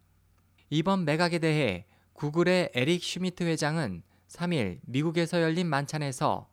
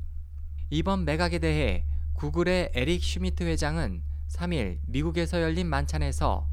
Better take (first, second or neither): first